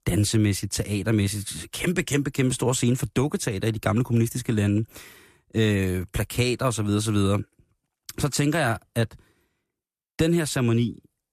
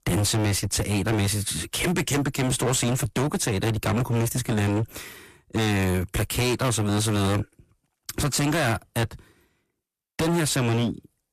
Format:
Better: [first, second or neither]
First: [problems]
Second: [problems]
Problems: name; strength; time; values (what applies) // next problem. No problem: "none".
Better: first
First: none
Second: distortion; heavy; 25% of the sound clipped